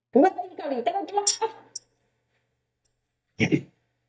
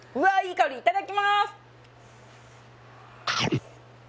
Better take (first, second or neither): second